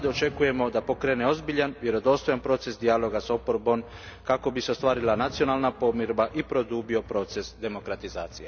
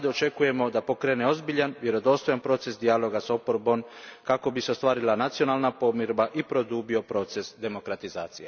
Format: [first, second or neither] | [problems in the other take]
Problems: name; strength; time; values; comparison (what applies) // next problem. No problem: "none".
second | background sound (Drum); 18 dB below the speech